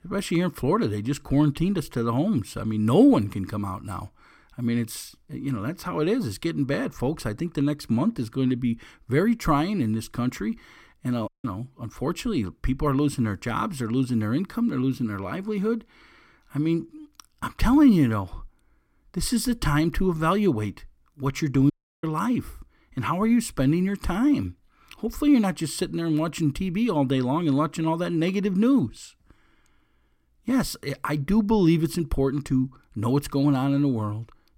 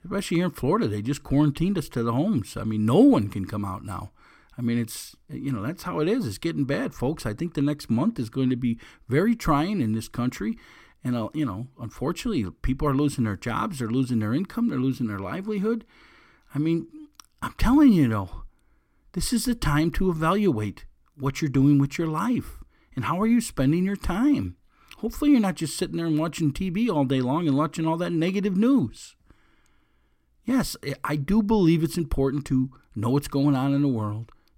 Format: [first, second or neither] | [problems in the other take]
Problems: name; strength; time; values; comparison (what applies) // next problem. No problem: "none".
second | audio cutting out; at 11 s and at 22 s